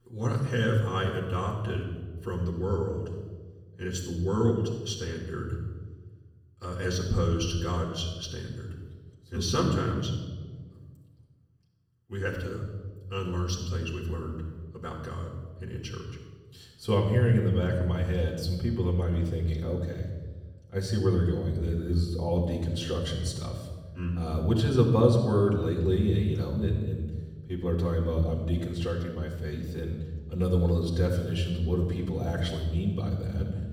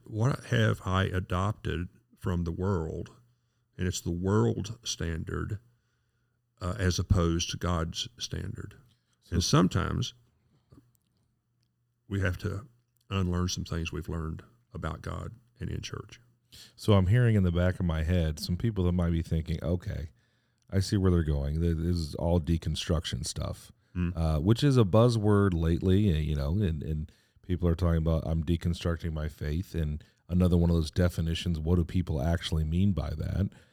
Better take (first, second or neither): second